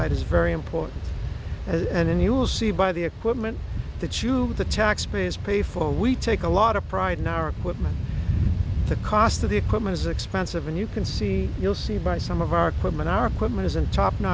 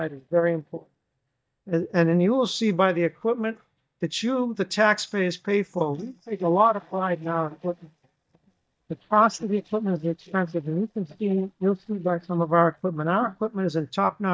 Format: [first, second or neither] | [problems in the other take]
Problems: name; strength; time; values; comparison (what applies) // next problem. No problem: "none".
first | noise reduction (neural mask model DeepFilterNet 3)